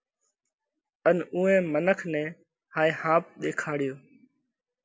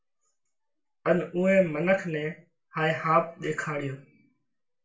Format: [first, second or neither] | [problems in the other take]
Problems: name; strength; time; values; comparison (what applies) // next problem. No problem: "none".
first | room echo; dies away in 0.3 s